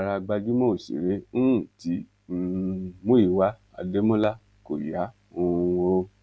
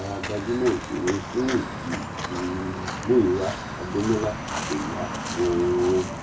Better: first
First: none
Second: background sound (Walk, footsteps); 6 dB below the speech // room echo; dies away in 0.3 s

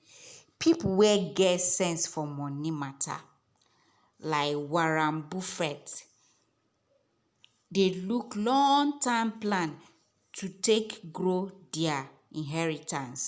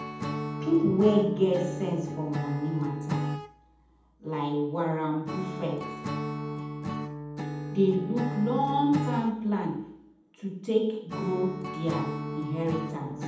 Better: first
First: none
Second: background sound (Acoustic guitar / Strum); 6 dB below the speech // room echo; dies away in 0.8 s

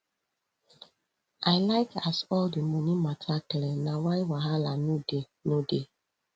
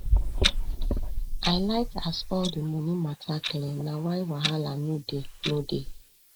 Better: first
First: none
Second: noise reduction (neural mask model Resemble Enhance denoiser)

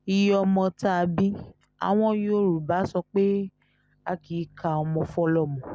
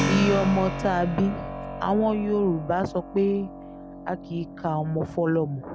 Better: first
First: none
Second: background sound (Keyboard (musical)); 7 dB below the speech

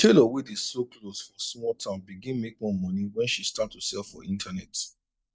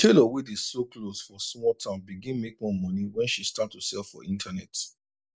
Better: second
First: noise reduction (neural mask model DeepFilterNet 3)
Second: none

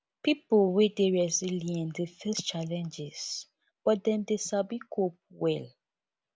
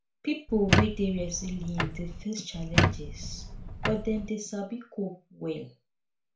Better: first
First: none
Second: background sound (Squeak); 3 dB above the speech // room echo; dies away in 0.3 s

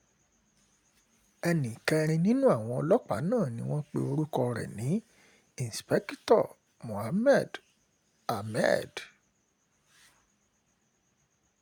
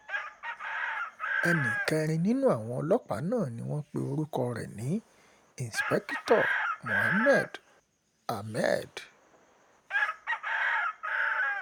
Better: first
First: none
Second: background sound (Chicken, rooster); 2 dB below the speech

